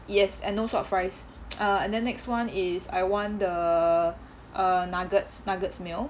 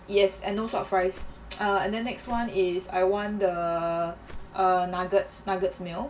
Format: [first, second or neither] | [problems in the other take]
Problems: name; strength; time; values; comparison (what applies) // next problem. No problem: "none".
first | background sound (Whoosh, swoosh, swish); 16 dB below the speech // room echo; dies away in 0.2 s